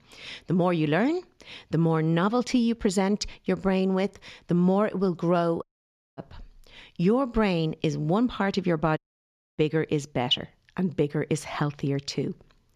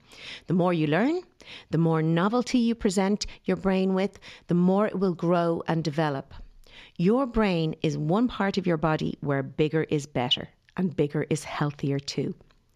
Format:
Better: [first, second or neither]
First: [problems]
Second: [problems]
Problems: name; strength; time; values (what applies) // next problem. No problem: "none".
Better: second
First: audio cutting out; at 5.5 s for 0.5 s and at 9 s for 0.5 s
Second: none